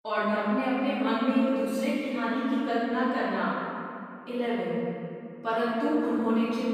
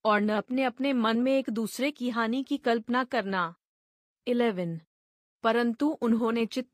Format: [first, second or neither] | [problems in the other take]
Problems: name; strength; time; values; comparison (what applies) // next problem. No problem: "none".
second | off-mic speech; far // room echo; strong; dies away in 2.4 s